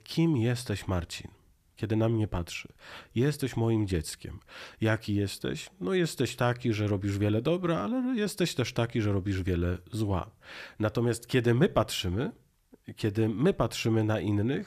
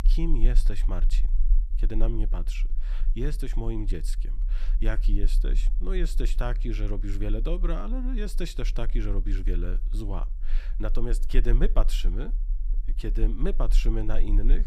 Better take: first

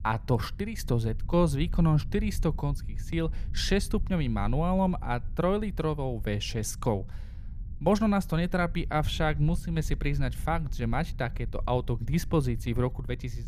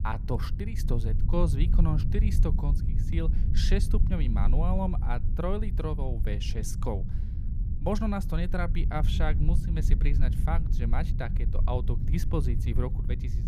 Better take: first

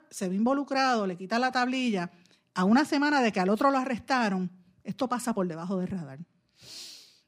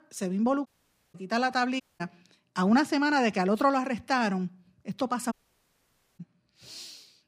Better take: first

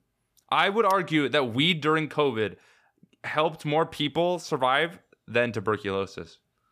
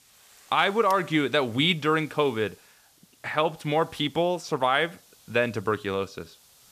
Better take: first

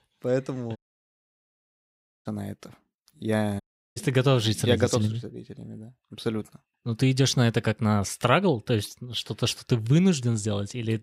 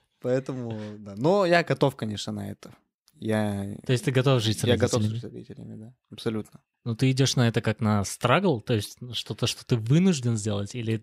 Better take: second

